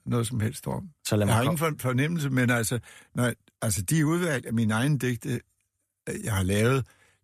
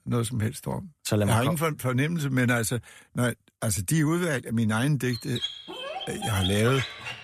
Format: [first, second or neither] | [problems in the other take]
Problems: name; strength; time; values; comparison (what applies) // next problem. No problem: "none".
first | dog barking; noticeable; from 5 s on; peak 4 dB below the speech